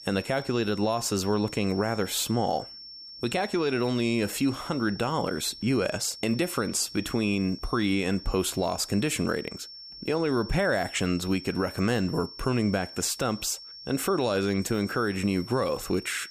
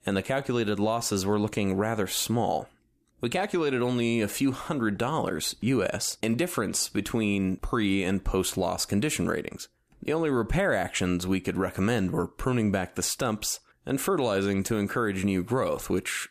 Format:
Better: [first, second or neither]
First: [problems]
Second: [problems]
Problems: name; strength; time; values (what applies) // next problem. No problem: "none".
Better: second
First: high-pitched whine; noticeable; throughout; 5.5 kHz, 15 dB below the speech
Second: none